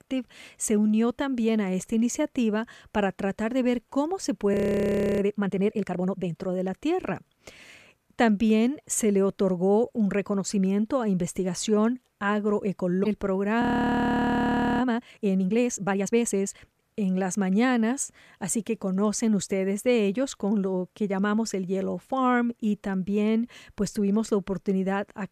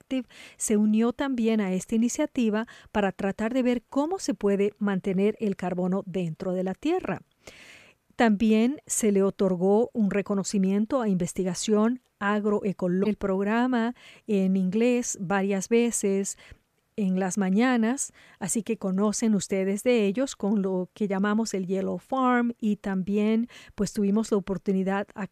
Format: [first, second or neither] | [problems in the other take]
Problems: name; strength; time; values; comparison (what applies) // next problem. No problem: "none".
second | audio freezing; at 4.5 s for 0.5 s and at 14 s for 1 s